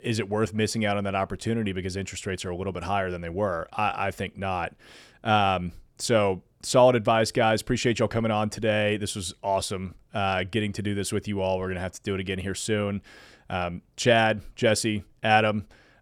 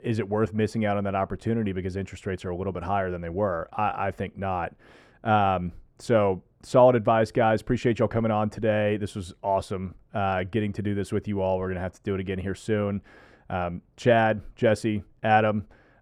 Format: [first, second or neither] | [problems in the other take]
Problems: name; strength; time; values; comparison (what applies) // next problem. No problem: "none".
first | muffled; slightly; fading above 2.5 kHz